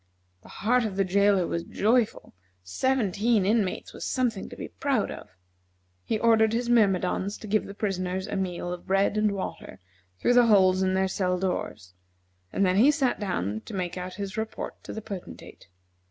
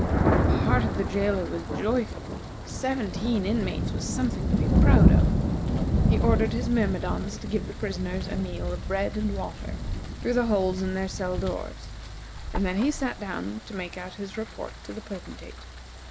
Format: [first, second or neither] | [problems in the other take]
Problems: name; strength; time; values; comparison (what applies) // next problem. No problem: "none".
first | background sound (Thunder); 3 dB above the speech